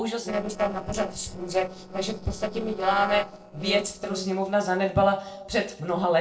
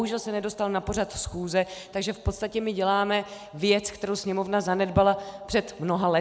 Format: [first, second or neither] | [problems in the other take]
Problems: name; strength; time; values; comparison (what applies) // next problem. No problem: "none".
second | noise reduction (neural separator model SepFormer DNS4)